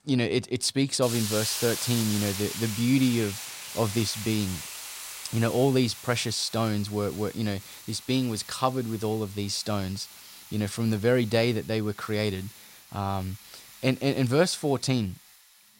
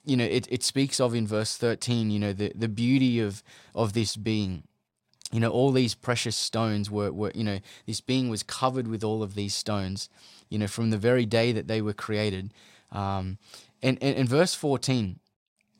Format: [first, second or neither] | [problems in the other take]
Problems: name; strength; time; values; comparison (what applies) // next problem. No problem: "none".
second | hiss; loud; throughout; 10 dB below the speech